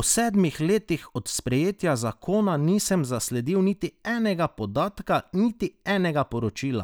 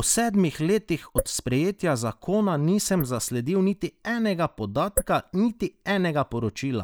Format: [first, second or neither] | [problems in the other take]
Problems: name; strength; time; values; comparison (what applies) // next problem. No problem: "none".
first | noise reduction (neural mask model Resemble Enhance denoiser)